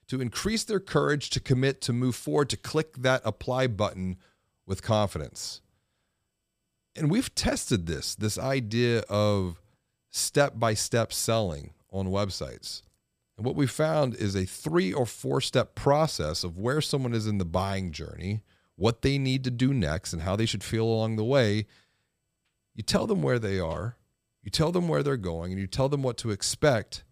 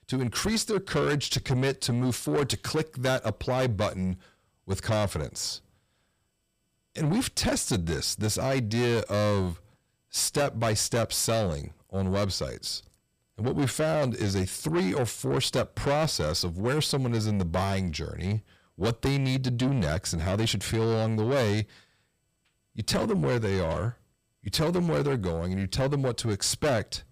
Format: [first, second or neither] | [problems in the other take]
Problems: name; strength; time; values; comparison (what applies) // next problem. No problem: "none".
first | distortion; heavy; 8 dB below the speech